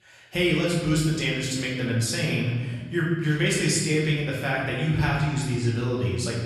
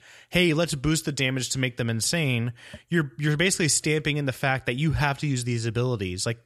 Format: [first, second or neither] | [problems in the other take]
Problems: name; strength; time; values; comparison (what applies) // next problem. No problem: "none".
second | off-mic speech; far // room echo; noticeable; dies away in 1.2 s